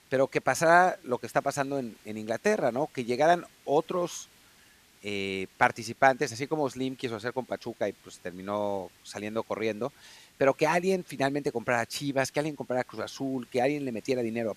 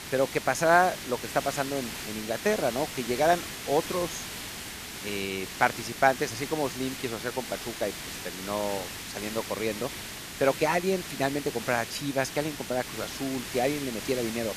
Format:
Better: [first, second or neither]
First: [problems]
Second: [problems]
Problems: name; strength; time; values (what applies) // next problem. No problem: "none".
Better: first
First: hiss; faint; throughout; 30 dB below the speech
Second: hiss; loud; throughout; 7 dB below the speech